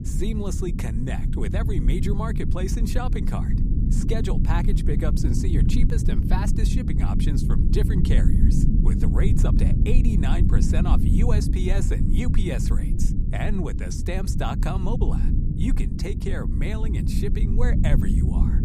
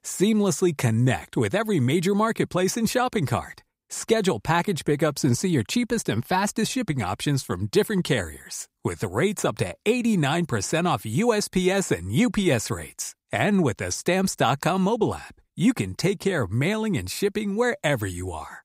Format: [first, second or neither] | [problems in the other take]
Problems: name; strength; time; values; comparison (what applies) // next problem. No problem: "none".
second | low rumble; loud; throughout; 2 dB below the speech